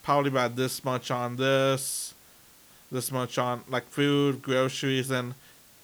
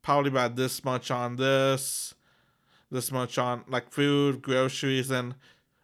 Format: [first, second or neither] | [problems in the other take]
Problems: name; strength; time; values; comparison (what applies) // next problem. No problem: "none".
second | hiss; faint; throughout; 25 dB below the speech